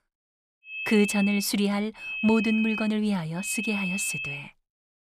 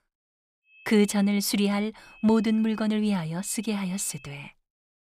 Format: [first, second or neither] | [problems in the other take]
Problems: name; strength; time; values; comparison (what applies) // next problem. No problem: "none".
second | high-pitched whine; loud; at 0.5 s, at 2 s and at 3.5 s; 2.5 kHz, 6 dB below the speech; faint in the second